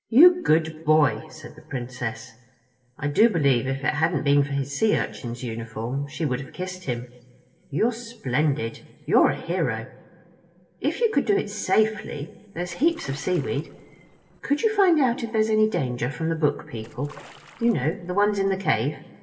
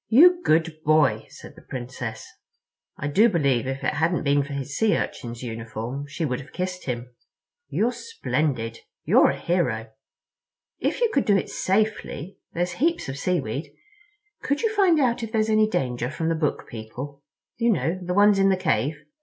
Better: second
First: noise reduction (neural separator model SepFormer DNS4)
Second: none

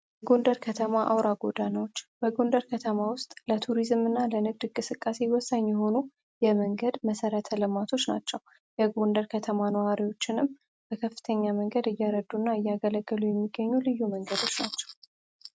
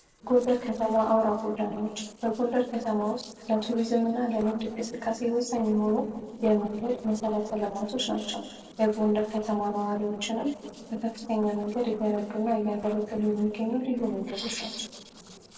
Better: first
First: none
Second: noise reduction (neural separator model SepFormer DNS4)

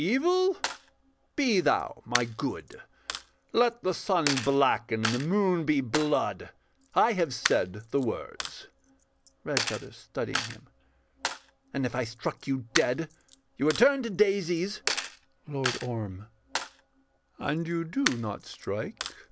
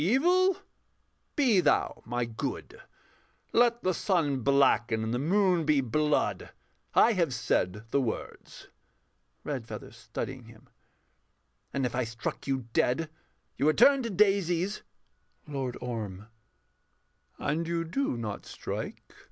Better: second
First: background sound (Coin (dropping)); 9 dB below the speech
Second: none

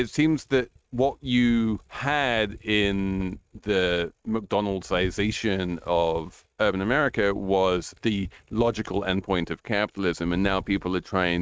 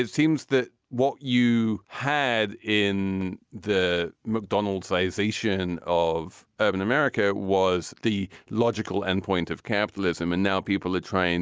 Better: second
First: noise reduction (neural mask model RNNoise)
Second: none

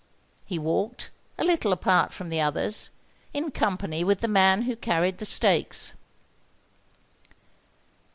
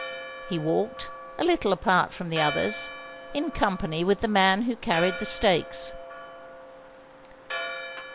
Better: first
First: none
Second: background sound (Church bell); 11 dB below the speech

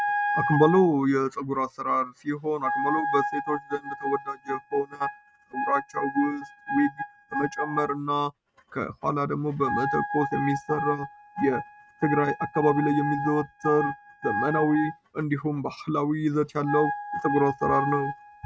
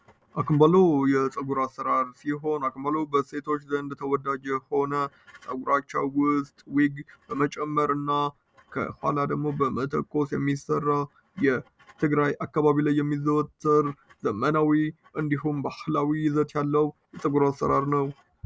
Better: second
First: noise reduction (neural mask model RNNoise)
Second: none

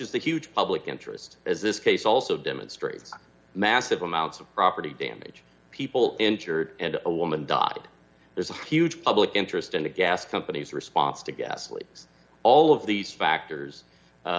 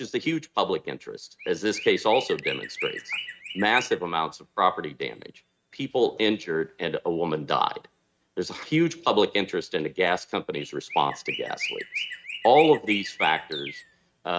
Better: first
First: none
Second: noise reduction (neural mask model RNNoise)

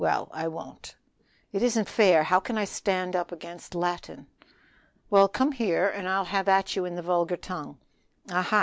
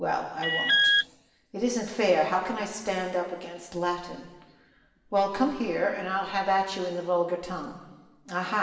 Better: first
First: none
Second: background sound (Alarm); 4 dB above the speech // room echo; dies away in 1.2 s

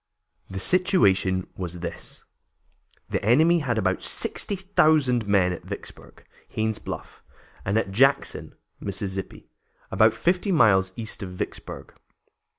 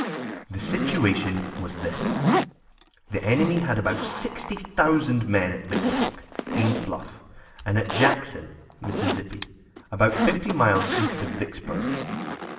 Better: first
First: none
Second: background sound (Zipper (clothing)); 3 dB below the speech // room echo; dies away in 1.1 s

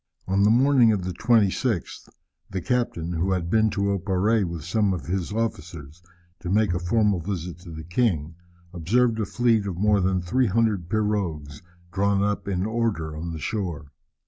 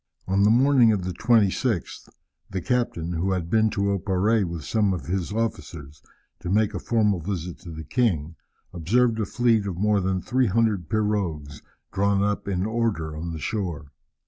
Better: second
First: background sound (Bowed string instrument); 12 dB below the speech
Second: none

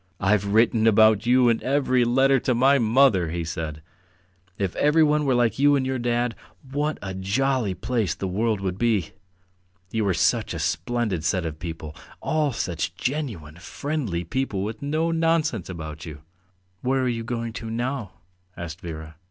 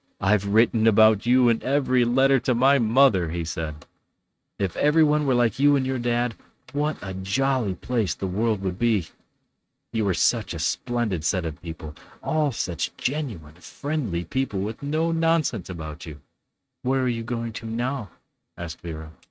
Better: first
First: none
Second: noise reduction (neural mask model RNNoise)

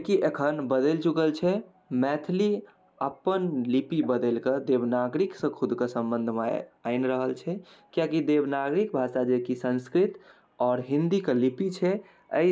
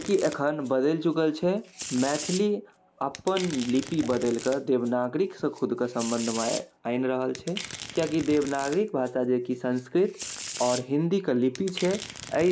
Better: first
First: none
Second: background sound (Domestic sounds, home sounds); 14 dB below the speech

